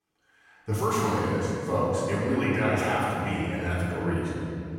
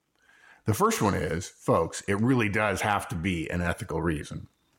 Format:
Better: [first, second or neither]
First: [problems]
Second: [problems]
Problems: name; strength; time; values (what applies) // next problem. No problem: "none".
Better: second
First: off-mic speech; far // room echo; strong; dies away in 2.6 s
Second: none